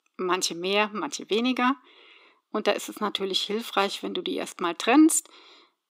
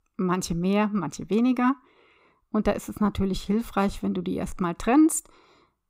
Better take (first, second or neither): second